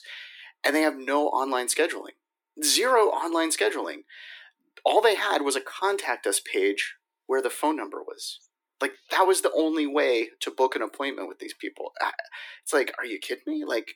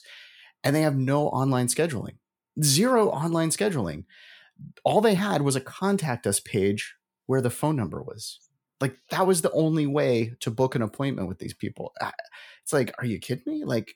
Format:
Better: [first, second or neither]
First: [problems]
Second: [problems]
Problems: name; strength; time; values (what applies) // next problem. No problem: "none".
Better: second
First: thin; somewhat; fading below 300 Hz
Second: none